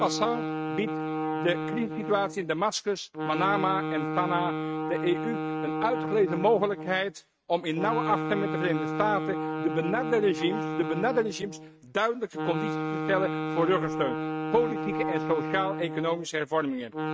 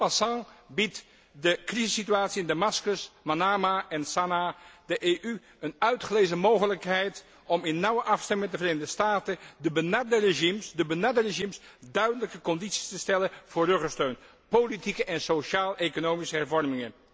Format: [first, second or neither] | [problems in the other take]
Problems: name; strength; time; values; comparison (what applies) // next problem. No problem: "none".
second | noise reduction (neural mask model RNNoise)